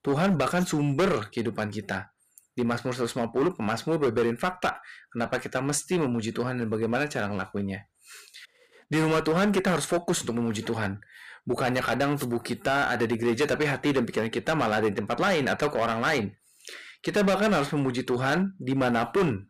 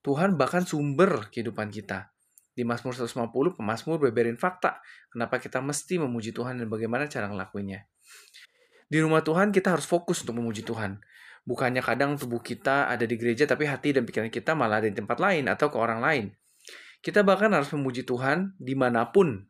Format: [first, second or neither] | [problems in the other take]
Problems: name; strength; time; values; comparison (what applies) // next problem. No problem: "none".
second | distortion; heavy; 10% of the sound clipped